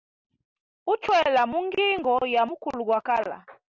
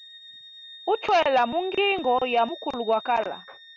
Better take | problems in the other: first | background sound (Wind instrument, woodwind instrument); 19 dB below the speech

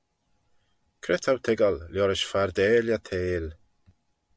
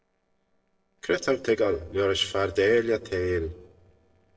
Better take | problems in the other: first | noise reduction (neural separator model SepFormer DNS4)

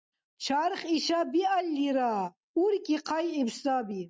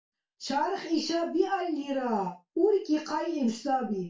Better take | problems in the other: first | room echo; dies away in 0.2 s

